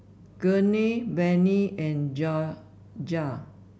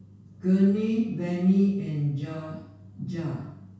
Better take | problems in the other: first | room echo; dies away in 0.6 s

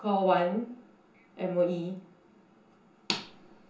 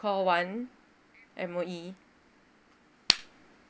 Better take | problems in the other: second | room echo; dies away in 0.6 s

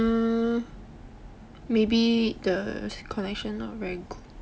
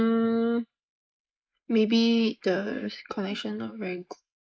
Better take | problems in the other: first | noise reduction (neural mask model Resemble Enhance denoiser)

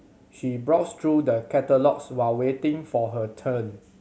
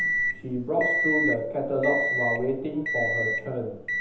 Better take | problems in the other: first | background sound (Microwave oven); as loud as the speech // room echo; dies away in 0.8 s

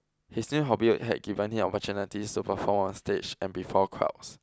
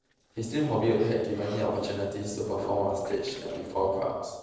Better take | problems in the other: first | noise reduction (neural separator model SepFormer DNS4)

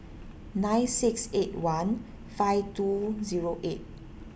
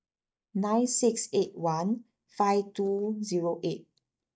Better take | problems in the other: first | noise reduction (neural mask model DeepFilterNet 3)

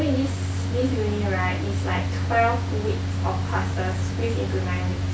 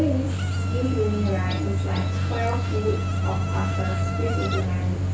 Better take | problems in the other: first | background sound (Insect); 13 dB below the speech // room echo; dies away in 0.3 s

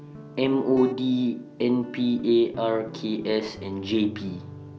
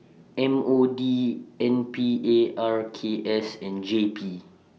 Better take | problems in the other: second | background sound (Guitar); 16 dB below the speech

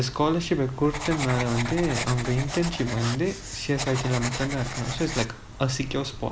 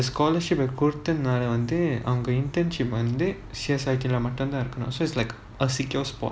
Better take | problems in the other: second | background sound (Writing); 8 dB below the speech

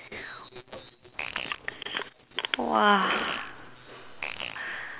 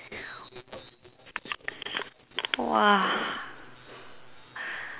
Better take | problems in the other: second | background sound (Fart); 7 dB below the speech

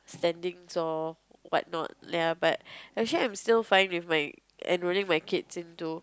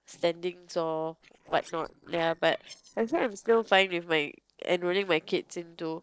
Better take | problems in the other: first | noise reduction (neural separator model SepFormer DNS4)

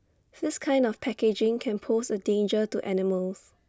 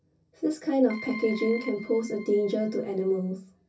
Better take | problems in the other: first | background sound (Keyboard (musical)); 15 dB below the speech // room echo; dies away in 0.3 s

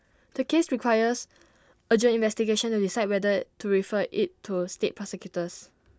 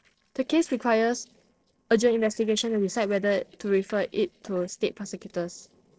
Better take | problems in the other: first | noise reduction (neural separator model SepFormer DNS4)

